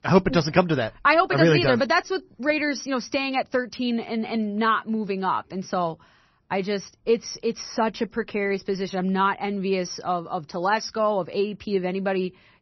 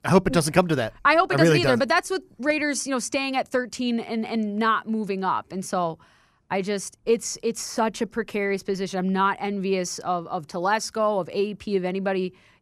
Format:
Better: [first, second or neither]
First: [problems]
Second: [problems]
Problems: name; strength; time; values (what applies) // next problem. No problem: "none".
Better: second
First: garbled, watery; slightly; nothing above 6 kHz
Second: none